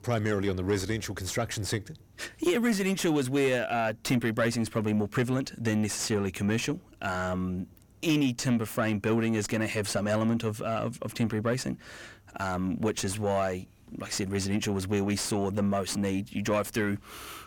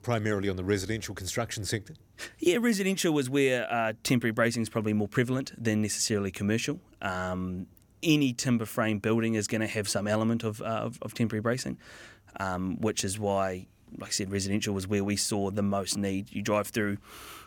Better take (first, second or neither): second